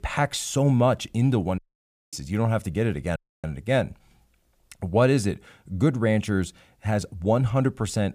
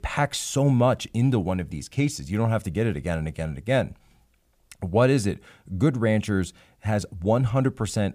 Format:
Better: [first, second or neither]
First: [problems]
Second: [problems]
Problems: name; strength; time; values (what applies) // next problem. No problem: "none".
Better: second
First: audio cutting out; at 1.5 s for 0.5 s and at 3 s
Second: none